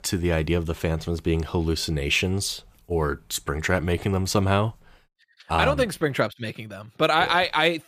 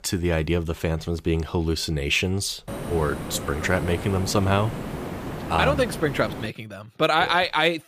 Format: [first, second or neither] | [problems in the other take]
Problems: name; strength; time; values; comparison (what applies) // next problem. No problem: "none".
first | hiss; loud; from 2.5 to 6.5 s; 9 dB below the speech